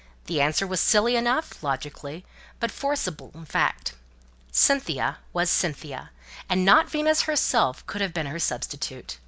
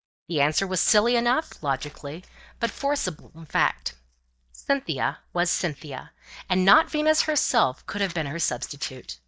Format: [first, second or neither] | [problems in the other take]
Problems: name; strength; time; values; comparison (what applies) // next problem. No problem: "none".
first | noise reduction (neural mask model DeepFilterNet 3)